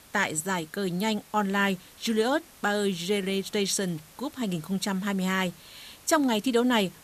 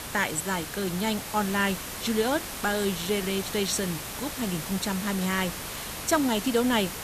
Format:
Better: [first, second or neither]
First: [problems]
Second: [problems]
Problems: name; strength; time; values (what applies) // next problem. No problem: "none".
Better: first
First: hiss; faint; throughout; 25 dB below the speech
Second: hiss; loud; throughout; 6 dB below the speech